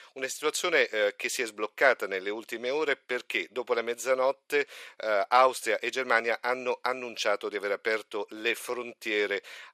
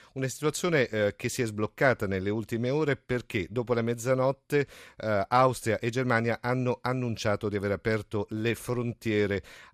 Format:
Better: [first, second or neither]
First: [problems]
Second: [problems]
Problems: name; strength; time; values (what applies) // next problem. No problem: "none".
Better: second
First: thin; very; fading below 400 Hz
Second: none